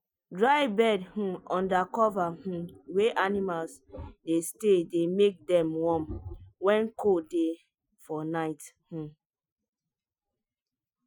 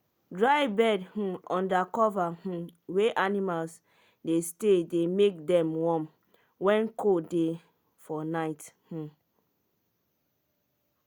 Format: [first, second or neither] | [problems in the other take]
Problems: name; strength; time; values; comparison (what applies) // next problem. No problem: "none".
second | noise reduction (classical method Wiener filter)